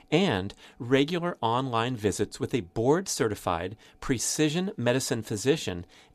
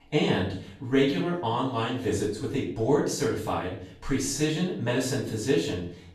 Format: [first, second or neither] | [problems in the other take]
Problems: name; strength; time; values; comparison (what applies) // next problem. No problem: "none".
first | off-mic speech; far // room echo; noticeable; dies away in 0.5 s